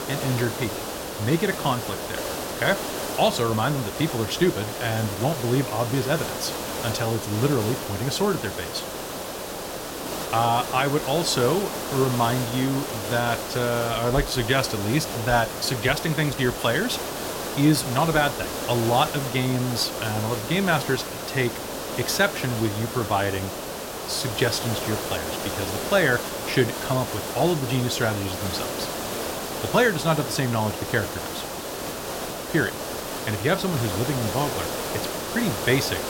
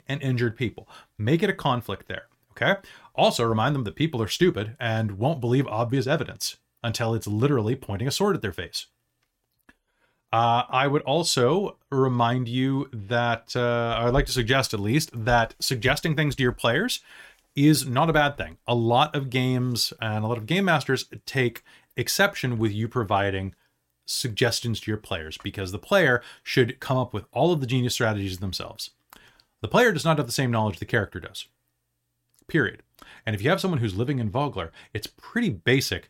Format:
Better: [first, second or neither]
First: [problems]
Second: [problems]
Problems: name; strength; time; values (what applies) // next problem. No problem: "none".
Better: second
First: hiss; loud; throughout; 5 dB below the speech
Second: none